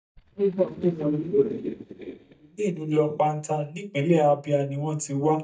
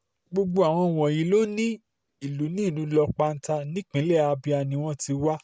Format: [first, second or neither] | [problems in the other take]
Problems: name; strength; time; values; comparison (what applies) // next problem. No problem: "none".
second | noise reduction (neural mask model DeepFilterNet 3)